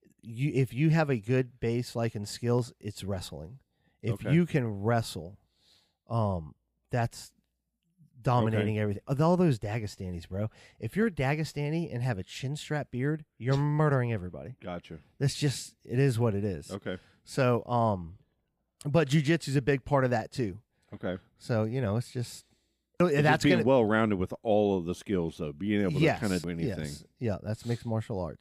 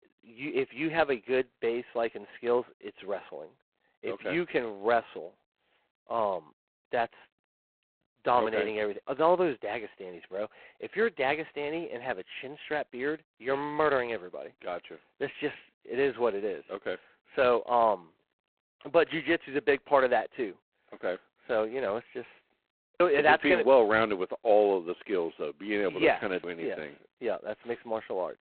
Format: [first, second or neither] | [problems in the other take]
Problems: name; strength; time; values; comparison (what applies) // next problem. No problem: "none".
first | phone-call audio; poor line; nothing above 4 kHz